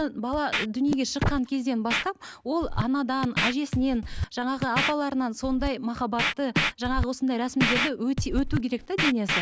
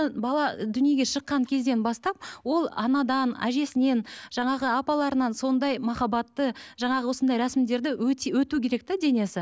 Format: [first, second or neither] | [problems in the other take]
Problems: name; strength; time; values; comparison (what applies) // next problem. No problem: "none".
second | background sound (Scratching (performance technique)); 3 dB below the speech